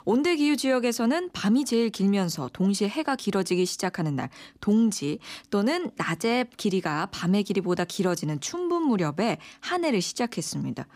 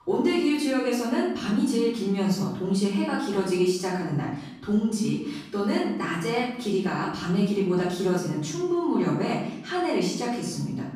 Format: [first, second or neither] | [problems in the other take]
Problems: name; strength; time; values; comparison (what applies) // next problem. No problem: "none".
first | off-mic speech; far // room echo; noticeable; dies away in 0.7 s